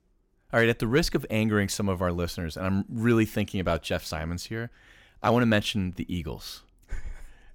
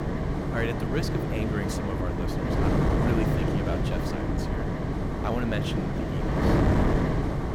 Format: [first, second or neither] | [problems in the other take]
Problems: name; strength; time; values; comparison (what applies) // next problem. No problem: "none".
first | wind noise on the microphone; heavy; 5 dB above the speech